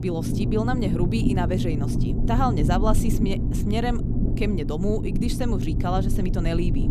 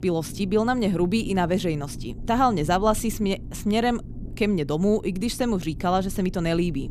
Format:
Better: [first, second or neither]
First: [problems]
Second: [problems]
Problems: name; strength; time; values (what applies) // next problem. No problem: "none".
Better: second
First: low rumble; loud; throughout; 5 dB below the speech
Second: low rumble; faint; throughout; 20 dB below the speech